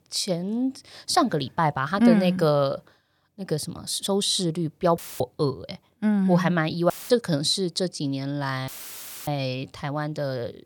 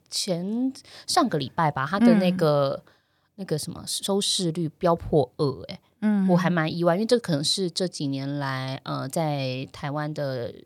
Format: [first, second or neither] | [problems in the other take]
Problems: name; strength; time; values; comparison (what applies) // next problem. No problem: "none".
second | audio cutting out; filled with static; at 5 s, at 7 s and at 8.5 s for 0.5 s